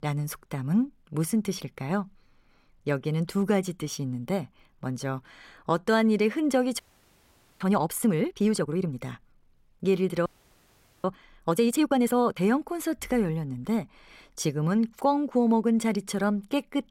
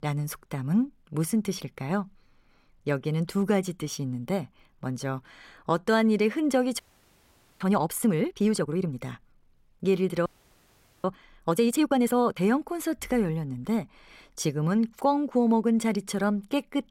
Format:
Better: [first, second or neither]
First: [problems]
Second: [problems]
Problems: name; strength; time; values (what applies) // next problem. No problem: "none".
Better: neither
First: audio freezing; at 7 s for 1 s and at 10 s for 1 s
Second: audio freezing; at 7 s for 1 s and at 10 s for 1 s